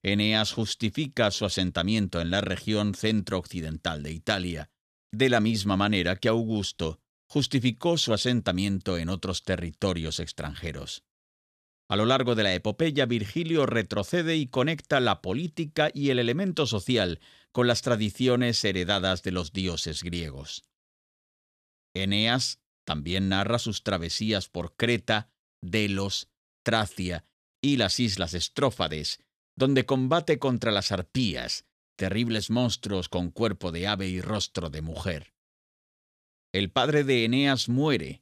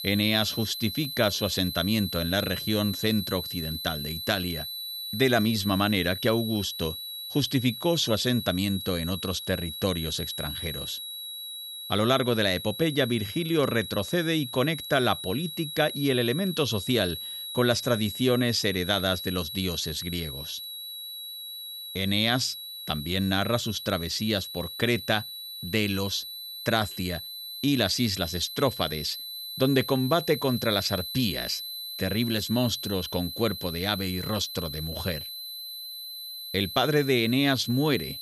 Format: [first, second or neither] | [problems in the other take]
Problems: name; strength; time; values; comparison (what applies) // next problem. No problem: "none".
first | high-pitched whine; loud; throughout; 4 kHz, 7 dB below the speech